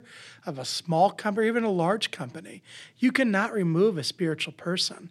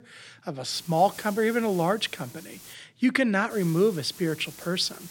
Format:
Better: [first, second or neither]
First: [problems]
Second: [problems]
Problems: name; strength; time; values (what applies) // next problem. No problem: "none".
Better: first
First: none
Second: hiss; noticeable; from 0.5 to 2.5 s and from 3.5 s on; 20 dB below the speech